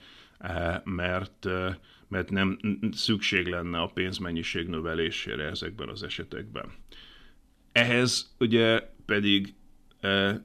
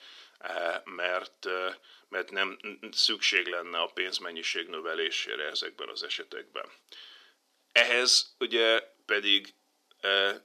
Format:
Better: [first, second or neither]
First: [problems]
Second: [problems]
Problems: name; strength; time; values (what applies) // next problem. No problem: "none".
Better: first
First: none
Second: thin; very; fading below 400 Hz